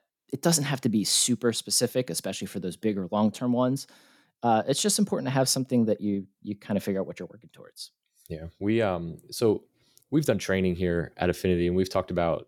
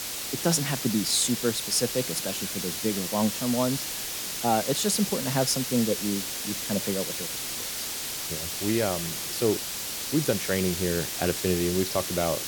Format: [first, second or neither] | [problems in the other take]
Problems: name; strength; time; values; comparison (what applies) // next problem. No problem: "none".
first | hiss; loud; throughout; 2 dB below the speech